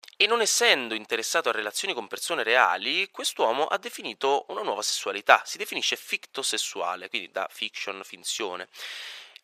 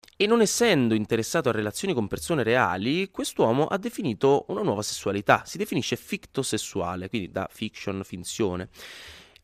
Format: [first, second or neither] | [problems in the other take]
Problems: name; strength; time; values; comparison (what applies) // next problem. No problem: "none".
second | thin; very; fading below 700 Hz